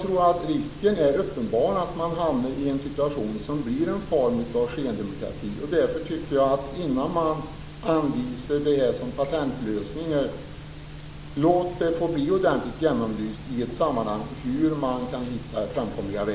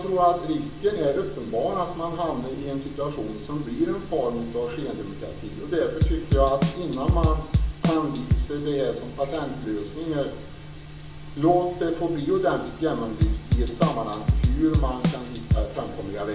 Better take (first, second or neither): first